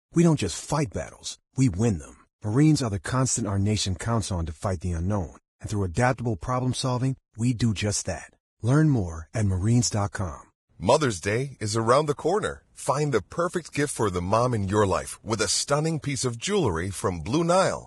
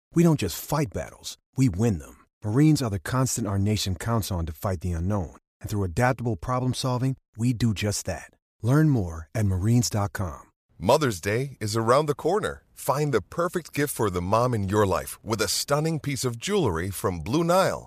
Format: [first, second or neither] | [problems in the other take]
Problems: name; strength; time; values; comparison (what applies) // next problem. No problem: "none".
second | garbled, watery; badly; nothing above 10.5 kHz